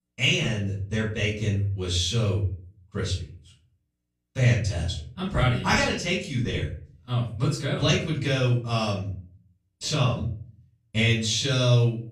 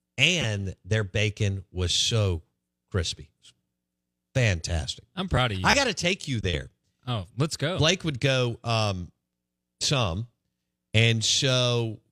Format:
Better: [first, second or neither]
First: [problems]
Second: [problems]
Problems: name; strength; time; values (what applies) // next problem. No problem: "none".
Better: second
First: off-mic speech; far // room echo; noticeable; dies away in 0.4 s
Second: none